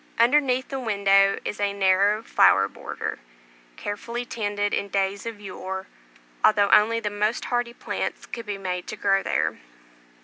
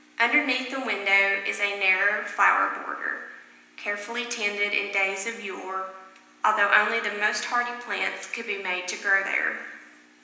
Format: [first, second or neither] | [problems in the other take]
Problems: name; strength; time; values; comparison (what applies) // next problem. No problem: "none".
first | room echo; dies away in 1 s